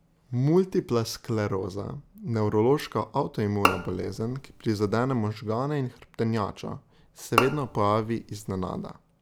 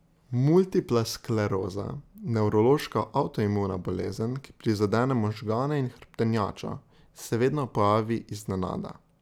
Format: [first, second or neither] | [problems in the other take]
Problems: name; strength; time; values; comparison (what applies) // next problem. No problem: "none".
second | background sound (Bowed string instrument); 4 dB below the speech